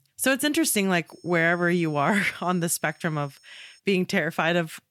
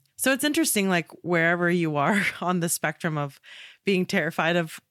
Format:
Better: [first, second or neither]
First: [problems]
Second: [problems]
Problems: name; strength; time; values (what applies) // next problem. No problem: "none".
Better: second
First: high-pitched whine; faint; from 1 to 4 s; 5.5 kHz, 30 dB below the speech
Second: none